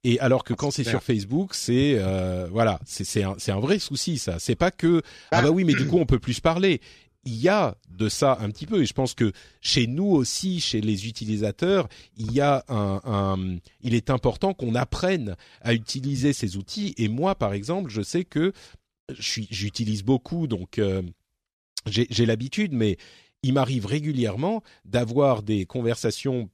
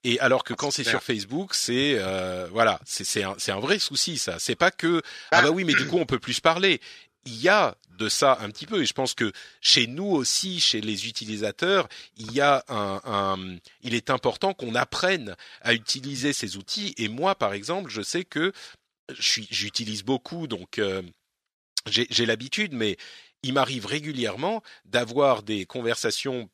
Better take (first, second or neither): first